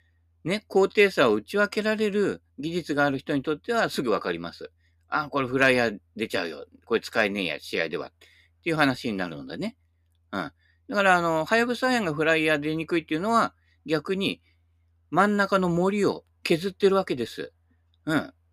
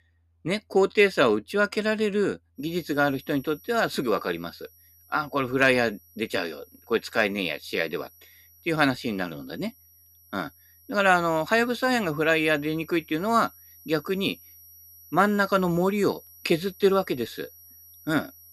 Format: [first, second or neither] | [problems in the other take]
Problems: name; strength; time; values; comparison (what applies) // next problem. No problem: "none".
first | high-pitched whine; faint; from 2.5 s on; 12 kHz, 25 dB below the speech